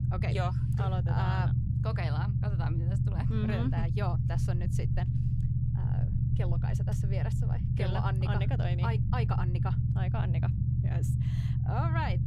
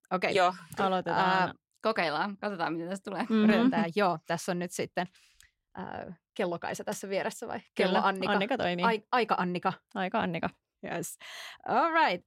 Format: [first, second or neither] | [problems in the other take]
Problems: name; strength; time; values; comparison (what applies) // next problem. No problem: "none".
second | low rumble; loud; throughout; 3 dB below the speech